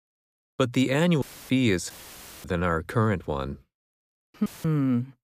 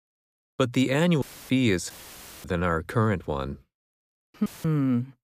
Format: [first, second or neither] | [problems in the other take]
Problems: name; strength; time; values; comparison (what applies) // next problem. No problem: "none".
neither | audio cutting out; filled with static; at 1 s, at 2 s for 0.5 s and at 4.5 s; the same in both